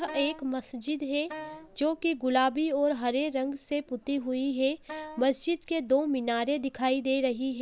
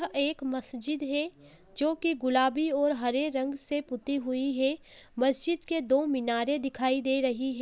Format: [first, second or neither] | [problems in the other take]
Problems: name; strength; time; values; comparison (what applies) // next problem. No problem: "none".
second | background sound (Wind instrument, woodwind instrument); 15 dB below the speech